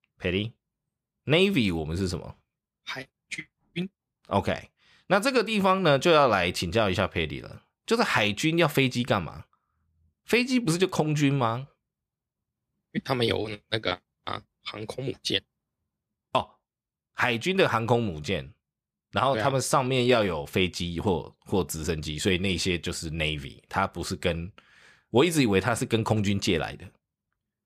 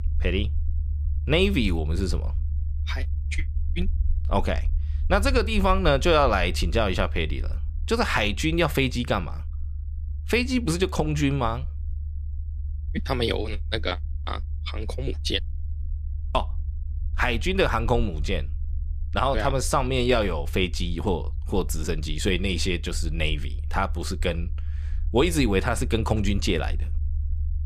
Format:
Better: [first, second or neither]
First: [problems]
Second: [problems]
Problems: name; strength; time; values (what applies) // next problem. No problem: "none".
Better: first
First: none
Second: low rumble; faint; throughout; 25 dB below the speech